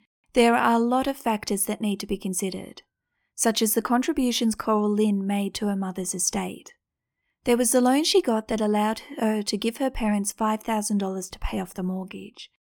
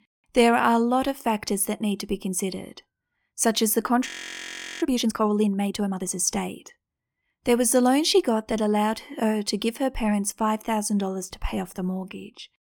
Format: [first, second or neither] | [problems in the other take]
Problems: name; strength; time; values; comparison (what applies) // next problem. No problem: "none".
first | audio freezing; at 4 s for 0.5 s